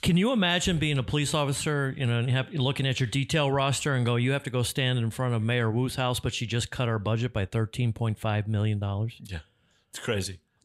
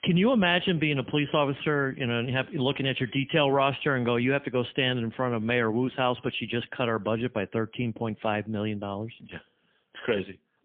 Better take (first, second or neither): first